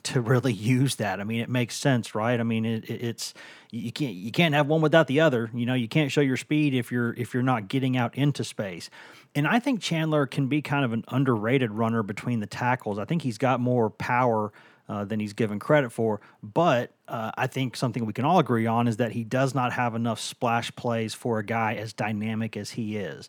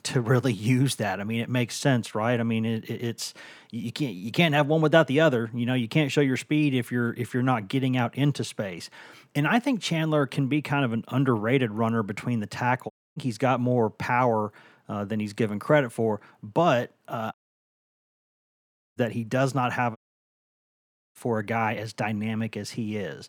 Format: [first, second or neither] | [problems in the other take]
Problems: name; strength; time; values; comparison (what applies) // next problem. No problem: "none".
first | audio cutting out; at 13 s, at 17 s for 1.5 s and at 20 s for 1 s